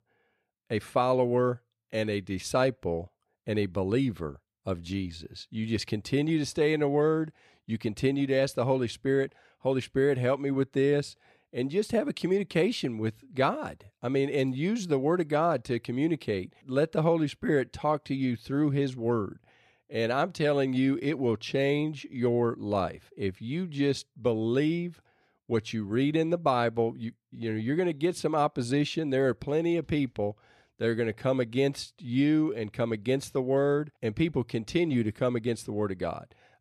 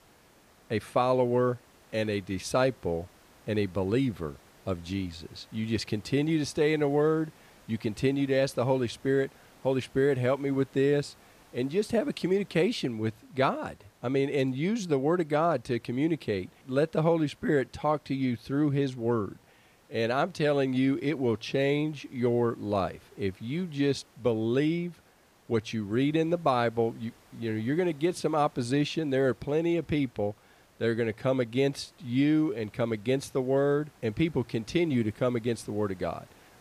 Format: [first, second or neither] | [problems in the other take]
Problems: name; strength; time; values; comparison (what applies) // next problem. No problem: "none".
first | hiss; faint; throughout; 30 dB below the speech